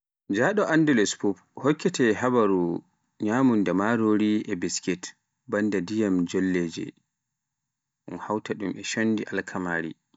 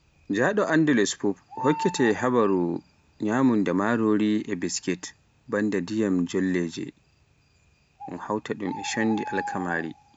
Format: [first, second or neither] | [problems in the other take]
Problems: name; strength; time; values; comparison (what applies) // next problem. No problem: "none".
first | background sound (Bird); 15 dB below the speech